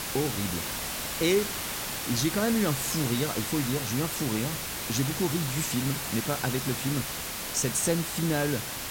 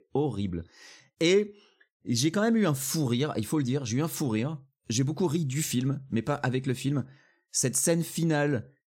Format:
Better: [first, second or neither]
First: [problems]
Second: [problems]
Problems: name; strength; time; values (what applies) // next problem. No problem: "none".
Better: second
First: hiss; loud; throughout; 2 dB below the speech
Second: none